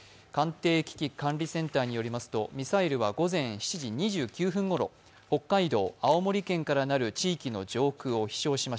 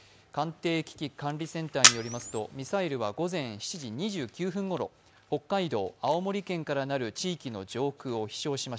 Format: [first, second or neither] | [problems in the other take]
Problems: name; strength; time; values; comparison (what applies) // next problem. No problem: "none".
first | background sound (Camera); 5 dB above the speech